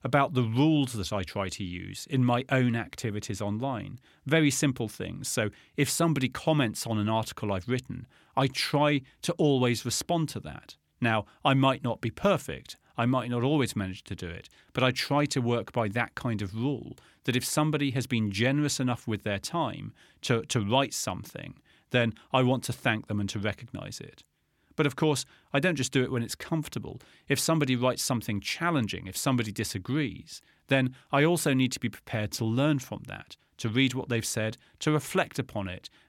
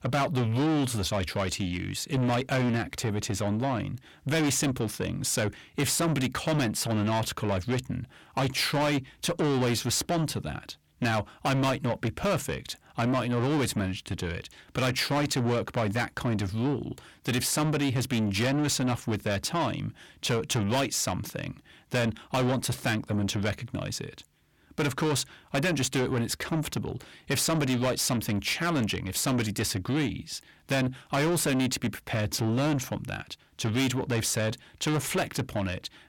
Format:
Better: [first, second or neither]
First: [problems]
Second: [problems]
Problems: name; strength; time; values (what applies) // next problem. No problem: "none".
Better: first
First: none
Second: distortion; heavy; 7 dB below the speech